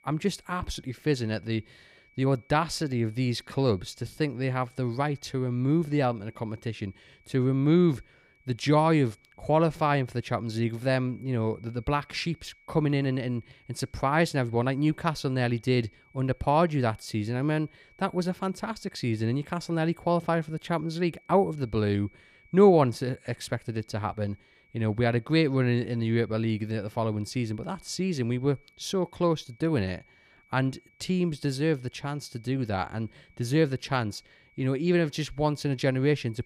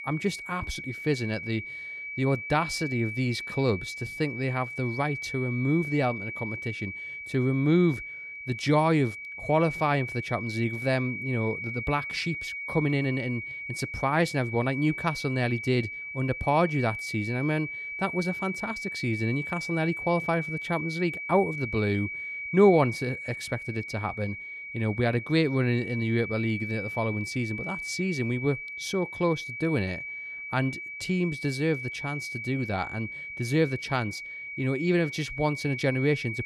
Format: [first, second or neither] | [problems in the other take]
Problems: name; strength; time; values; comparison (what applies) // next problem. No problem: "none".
first | high-pitched whine; loud; throughout; 2.5 kHz, 6 dB below the speech; faint in the first